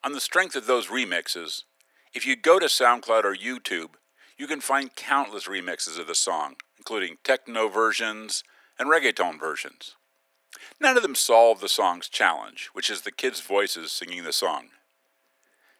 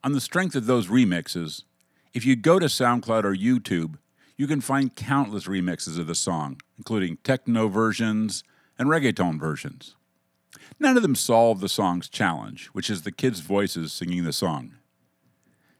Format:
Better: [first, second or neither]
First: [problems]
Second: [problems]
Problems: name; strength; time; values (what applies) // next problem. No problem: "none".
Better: second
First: thin; very; fading below 400 Hz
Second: none